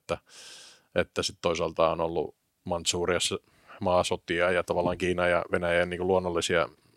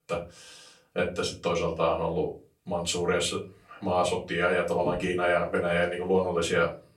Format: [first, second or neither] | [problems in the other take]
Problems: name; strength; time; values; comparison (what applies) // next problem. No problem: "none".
first | off-mic speech; far // room echo; very slight; dies away in 0.3 s